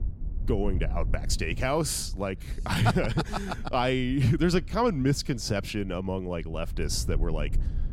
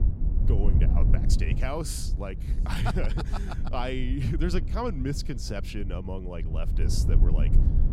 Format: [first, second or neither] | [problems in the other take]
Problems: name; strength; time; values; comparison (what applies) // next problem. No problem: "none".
first | low rumble; loud; throughout; 8 dB below the speech; faint in the first